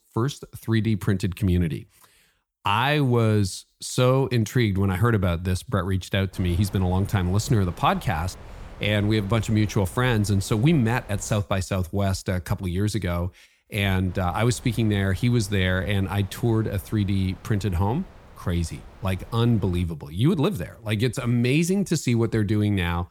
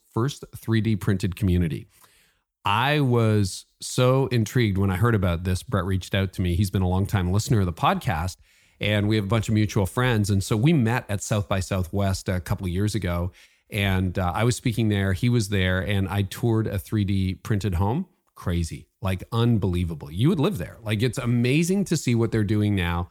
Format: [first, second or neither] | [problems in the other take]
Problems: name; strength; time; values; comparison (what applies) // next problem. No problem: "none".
second | wind noise on the microphone; occasional gusts; from 6.5 to 11 s and from 14 to 20 s; 20 dB below the speech